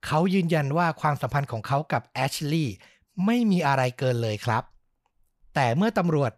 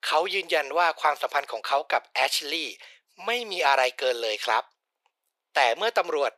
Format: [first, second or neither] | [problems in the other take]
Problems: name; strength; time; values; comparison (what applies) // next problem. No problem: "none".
first | thin; very; fading below 400 Hz